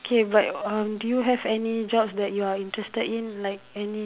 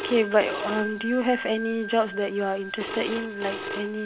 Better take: first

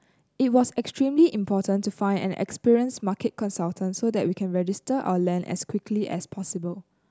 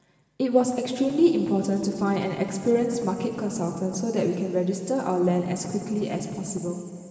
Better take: first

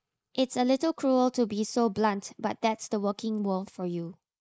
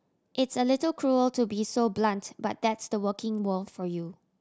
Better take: second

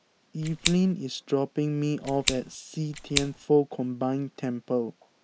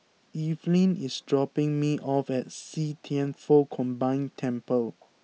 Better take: second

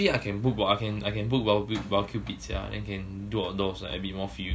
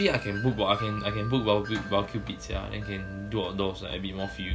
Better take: first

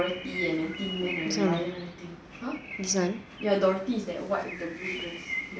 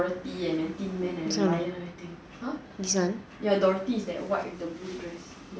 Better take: second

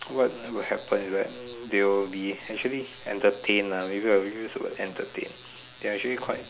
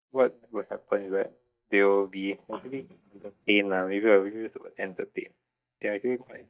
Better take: first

